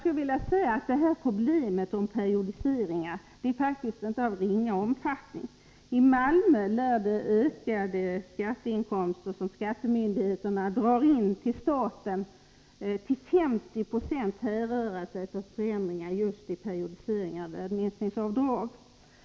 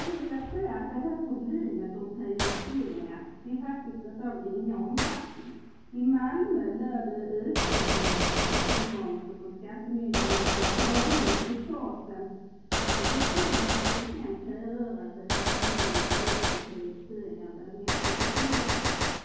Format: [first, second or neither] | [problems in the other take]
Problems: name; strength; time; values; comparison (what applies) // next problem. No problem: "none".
first | background sound (Gunshot, gunfire); 2 dB above the speech // room echo; dies away in 1.3 s